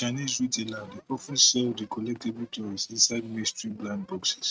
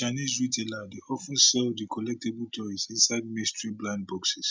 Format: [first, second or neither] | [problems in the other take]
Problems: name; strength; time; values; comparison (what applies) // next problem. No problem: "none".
second | noise reduction (neural mask model RNNoise)